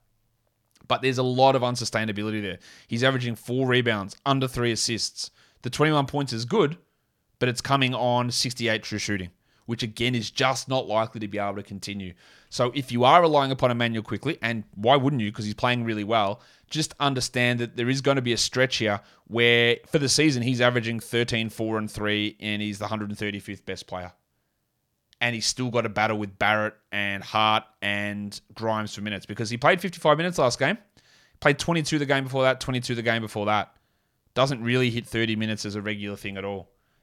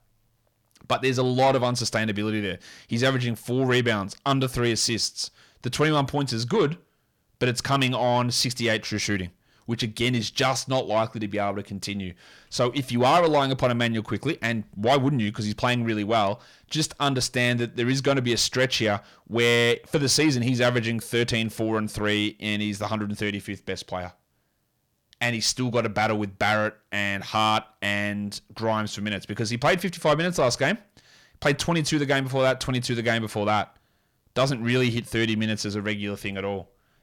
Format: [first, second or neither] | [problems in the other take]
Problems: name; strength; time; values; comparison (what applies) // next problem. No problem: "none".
first | distortion; slight; 10 dB below the speech